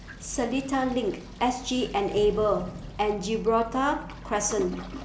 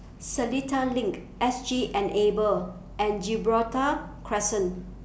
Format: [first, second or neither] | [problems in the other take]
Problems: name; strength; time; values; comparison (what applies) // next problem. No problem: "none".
second | background sound (Toilet flush + Thunder / Rain); 16 dB below the speech